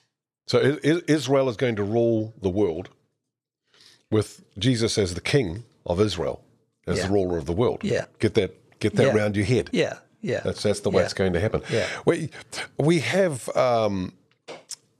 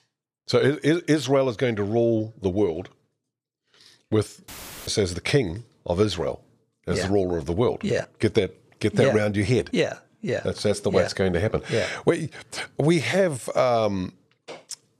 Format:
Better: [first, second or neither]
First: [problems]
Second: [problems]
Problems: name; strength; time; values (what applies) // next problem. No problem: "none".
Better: first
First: none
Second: audio cutting out; filled with static; at 4.5 s